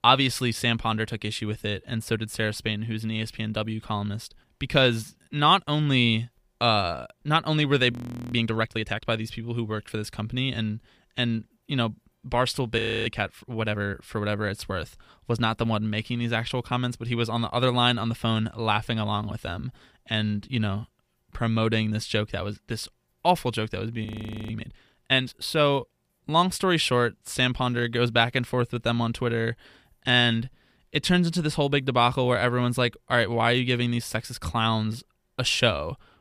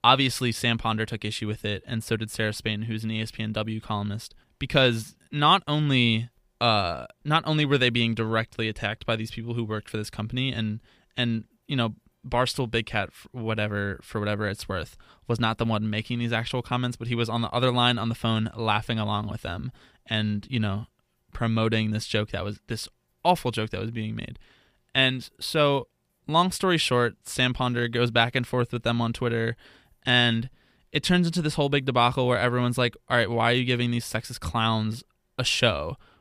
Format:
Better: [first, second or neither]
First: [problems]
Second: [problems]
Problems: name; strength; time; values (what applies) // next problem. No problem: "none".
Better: second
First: audio freezing; at 8 s, at 13 s and at 24 s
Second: none